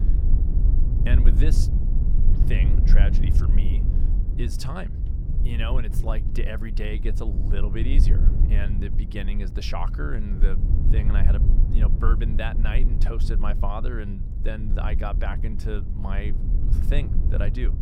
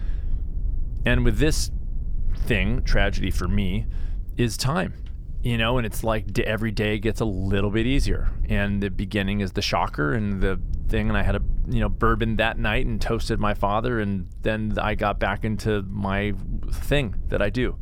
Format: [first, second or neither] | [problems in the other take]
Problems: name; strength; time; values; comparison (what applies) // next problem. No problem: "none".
second | low rumble; loud; throughout; 6 dB below the speech; faint in the second